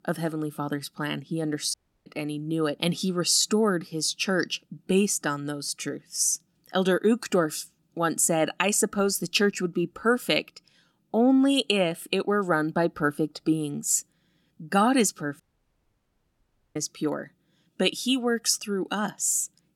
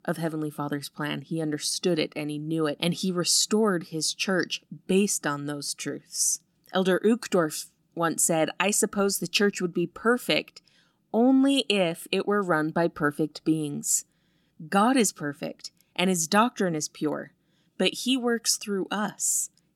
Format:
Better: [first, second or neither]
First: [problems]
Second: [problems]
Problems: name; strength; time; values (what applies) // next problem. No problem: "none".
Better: second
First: audio cutting out; at 1.5 s and at 15 s for 1.5 s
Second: none